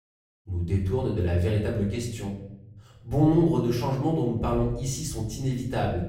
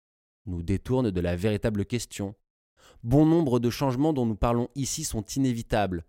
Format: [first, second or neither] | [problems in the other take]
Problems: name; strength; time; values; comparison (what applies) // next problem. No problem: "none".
second | off-mic speech; far // room echo; noticeable; dies away in 1 s